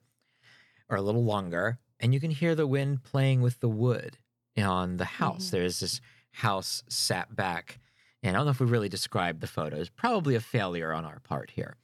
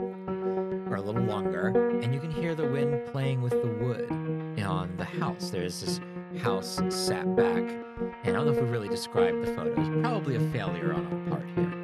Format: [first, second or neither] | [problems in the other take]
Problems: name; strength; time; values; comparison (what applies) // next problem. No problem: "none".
first | background music; very loud; throughout; 3 dB above the speech